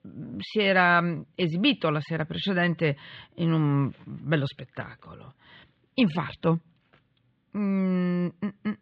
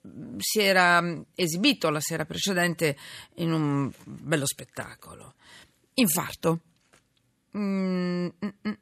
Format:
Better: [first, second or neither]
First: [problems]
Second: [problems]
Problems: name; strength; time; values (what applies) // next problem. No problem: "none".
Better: second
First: muffled; slightly; fading above 3.5 kHz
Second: none